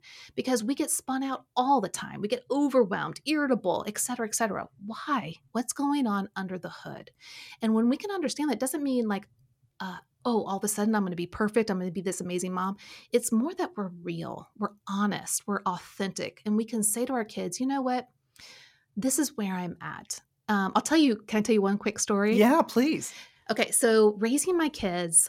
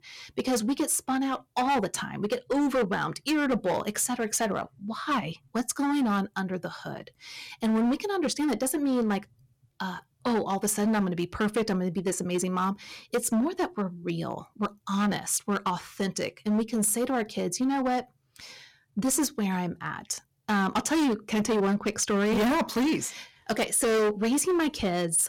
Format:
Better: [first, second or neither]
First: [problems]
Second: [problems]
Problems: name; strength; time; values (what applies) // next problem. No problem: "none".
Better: first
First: none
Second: distortion; heavy; 13% of the sound clipped